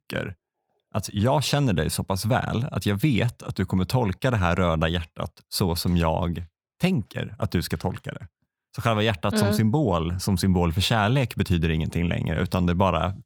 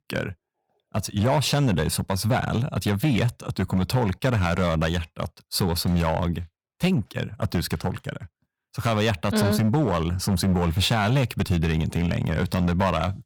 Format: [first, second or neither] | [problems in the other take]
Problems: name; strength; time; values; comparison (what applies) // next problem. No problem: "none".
first | distortion; slight; 6% of the sound clipped